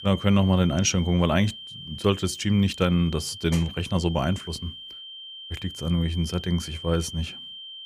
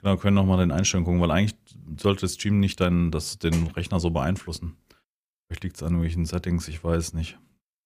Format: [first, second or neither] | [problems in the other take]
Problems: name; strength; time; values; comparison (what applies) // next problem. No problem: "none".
second | high-pitched whine; noticeable; throughout; 3 kHz, 15 dB below the speech